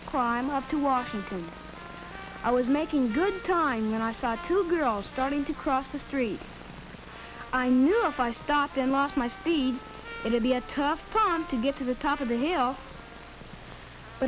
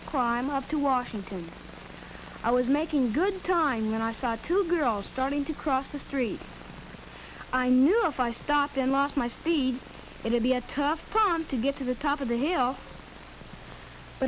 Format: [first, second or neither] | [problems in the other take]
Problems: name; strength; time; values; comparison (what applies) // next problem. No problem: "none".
second | background sound (Trumpet); 18 dB below the speech